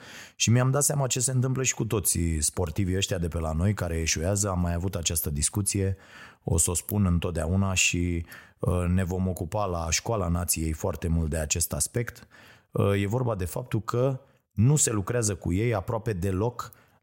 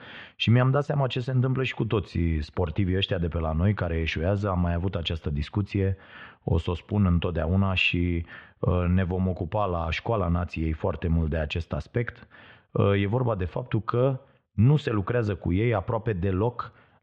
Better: first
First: none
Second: muffled; very; fading above 3.5 kHz

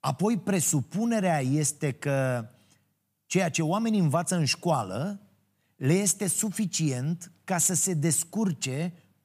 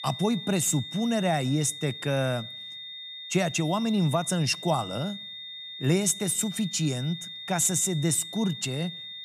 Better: first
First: none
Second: high-pitched whine; noticeable; throughout; 3.5 kHz, 10 dB below the speech

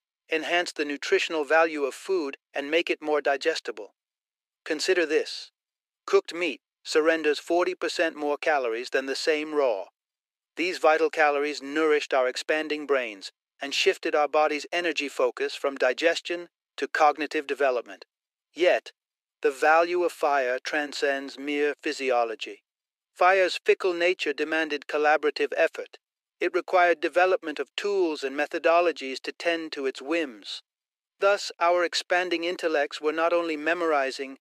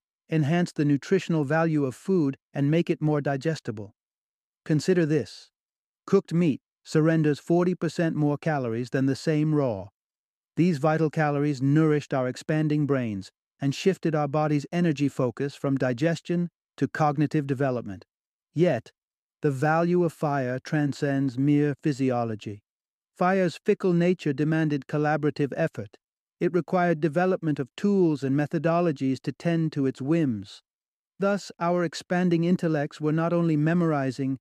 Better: second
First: thin; very; fading below 400 Hz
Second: none

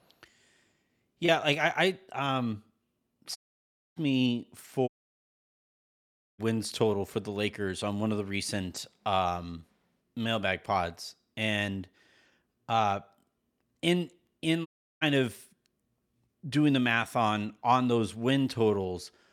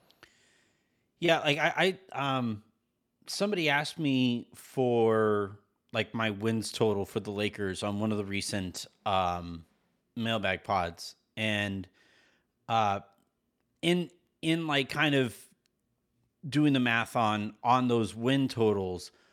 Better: second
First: audio cutting out; at 3.5 s for 0.5 s, at 5 s for 1.5 s and at 15 s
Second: none

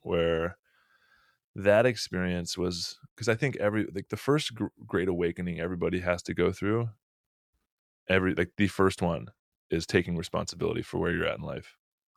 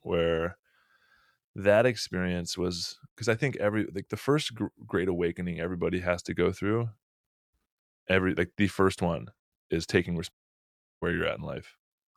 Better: first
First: none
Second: audio cutting out; at 10 s for 0.5 s

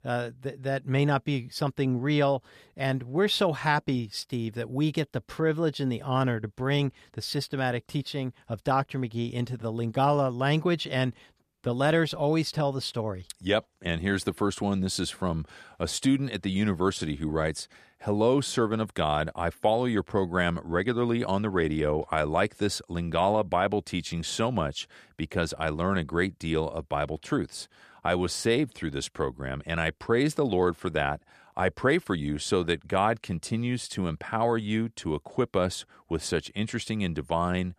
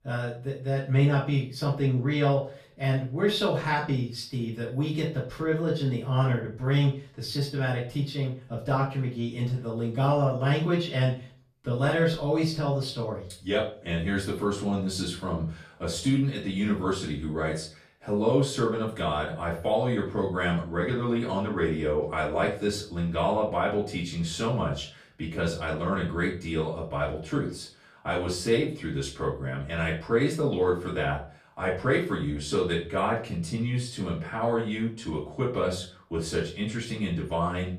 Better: first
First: none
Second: off-mic speech; far // room echo; slight; dies away in 0.3 s

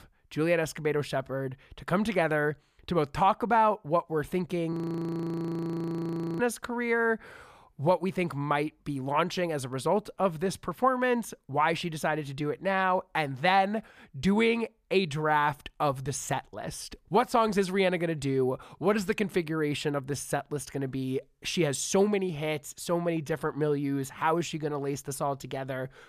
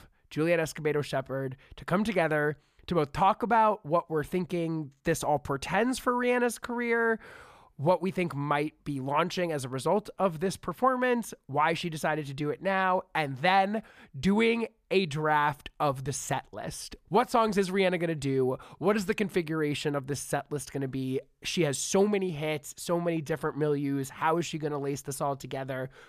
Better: second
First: audio freezing; at 4.5 s for 1.5 s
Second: none

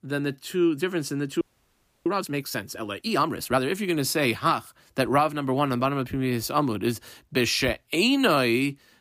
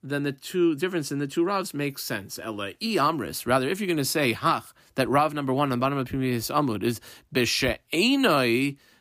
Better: second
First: audio freezing; at 1.5 s for 0.5 s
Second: none

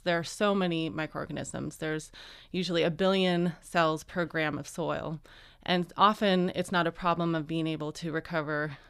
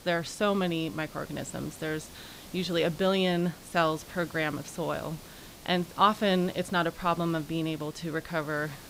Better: first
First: none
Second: hiss; noticeable; throughout; 20 dB below the speech

